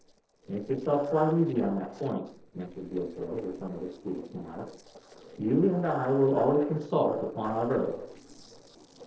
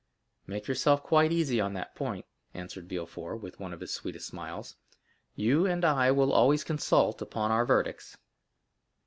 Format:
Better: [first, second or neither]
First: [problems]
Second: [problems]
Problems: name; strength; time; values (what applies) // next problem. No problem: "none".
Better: second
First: noise reduction (neural separator model SepFormer DNS4)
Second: none